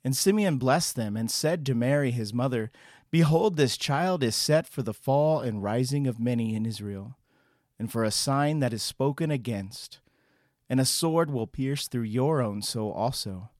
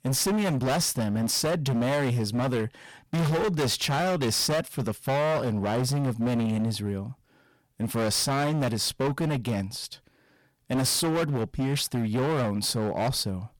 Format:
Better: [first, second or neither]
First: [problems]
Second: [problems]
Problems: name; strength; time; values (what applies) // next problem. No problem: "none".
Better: first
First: none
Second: distortion; heavy; 25% of the sound clipped